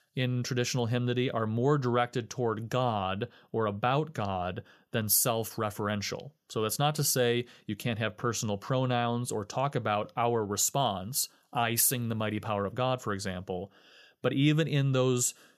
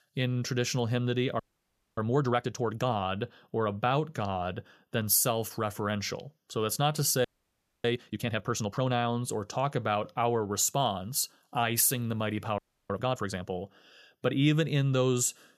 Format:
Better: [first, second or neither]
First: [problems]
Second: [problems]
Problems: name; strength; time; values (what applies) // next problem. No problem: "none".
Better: first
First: none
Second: audio freezing; at 1.5 s for 0.5 s, at 7.5 s for 0.5 s and at 13 s